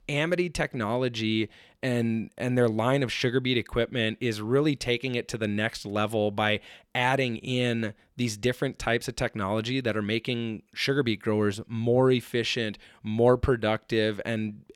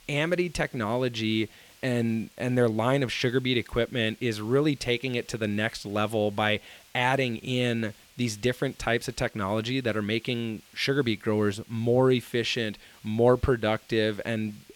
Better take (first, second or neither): first